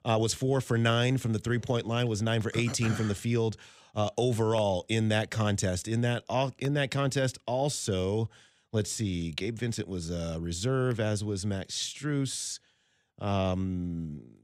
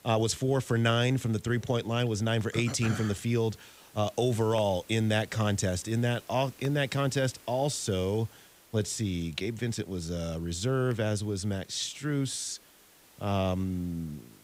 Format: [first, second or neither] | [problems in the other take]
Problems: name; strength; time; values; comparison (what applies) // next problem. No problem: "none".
first | hiss; faint; throughout; 25 dB below the speech